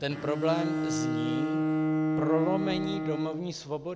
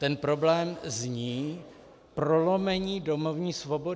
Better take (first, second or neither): second